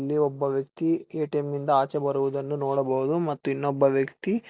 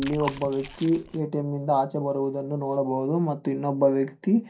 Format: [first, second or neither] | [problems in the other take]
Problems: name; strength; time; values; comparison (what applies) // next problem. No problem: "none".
first | background sound (Chewing, mastication); 13 dB below the speech // room echo; dies away in 0.3 s